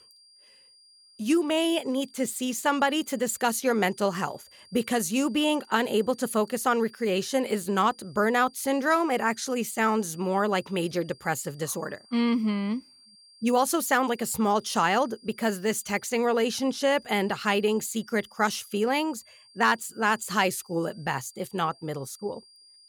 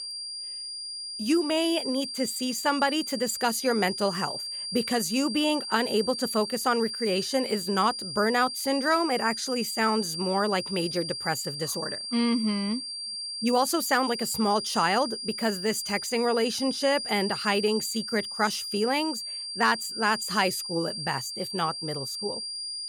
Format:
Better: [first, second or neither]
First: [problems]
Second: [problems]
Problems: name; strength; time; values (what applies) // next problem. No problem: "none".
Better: first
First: high-pitched whine; faint; throughout; 4.5 kHz, 25 dB below the speech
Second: high-pitched whine; loud; throughout; 4.5 kHz, 5 dB below the speech